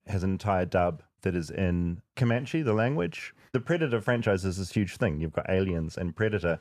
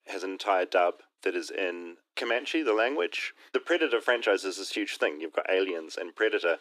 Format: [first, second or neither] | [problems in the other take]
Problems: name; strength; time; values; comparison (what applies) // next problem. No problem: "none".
first | thin; very; fading below 300 Hz